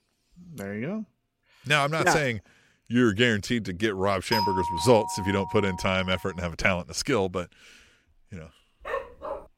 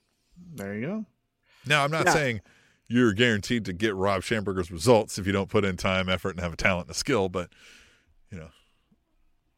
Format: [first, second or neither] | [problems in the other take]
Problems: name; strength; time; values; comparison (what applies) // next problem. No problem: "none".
second | doorbell; noticeable; from 4.5 to 6 s; peak 1 dB below the speech // dog barking; noticeable; at 9 s; peak 8 dB below the speech